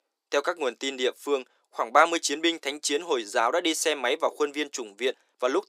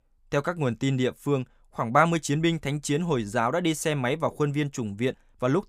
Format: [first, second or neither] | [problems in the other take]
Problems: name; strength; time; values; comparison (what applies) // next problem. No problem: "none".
second | thin; very; fading below 350 Hz